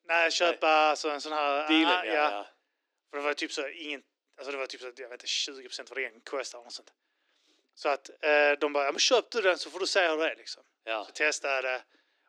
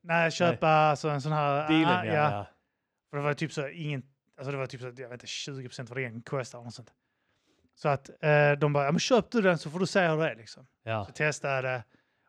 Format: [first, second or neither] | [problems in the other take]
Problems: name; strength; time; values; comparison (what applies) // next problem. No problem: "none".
second | thin; very; fading below 300 Hz